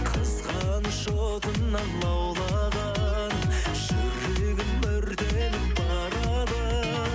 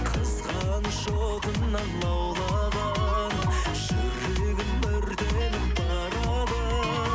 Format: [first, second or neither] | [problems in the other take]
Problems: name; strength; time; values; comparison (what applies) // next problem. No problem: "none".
first | background sound (Chicken, rooster); 11 dB below the speech